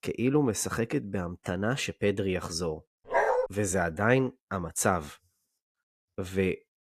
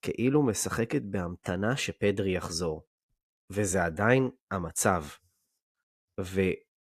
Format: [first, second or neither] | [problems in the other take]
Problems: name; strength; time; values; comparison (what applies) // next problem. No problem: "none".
second | dog barking; loud; at 3 s; peak 3 dB above the speech